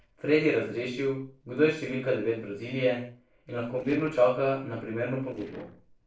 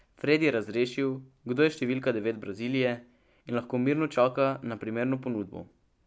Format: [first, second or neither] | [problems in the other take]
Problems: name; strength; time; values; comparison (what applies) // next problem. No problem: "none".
second | noise reduction (neural separator model SepFormer DNS4)